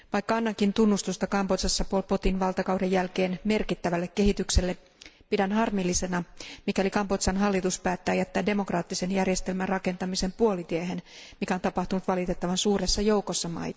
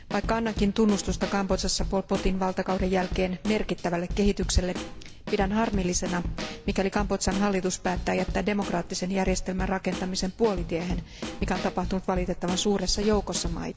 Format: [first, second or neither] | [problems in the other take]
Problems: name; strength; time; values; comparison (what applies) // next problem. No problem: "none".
first | background sound (Snare drum / Drum kit); 8 dB below the speech